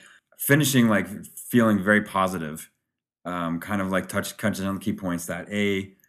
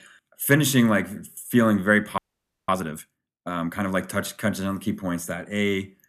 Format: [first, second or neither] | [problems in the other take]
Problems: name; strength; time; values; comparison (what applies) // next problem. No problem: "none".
first | audio freezing; at 2 s for 0.5 s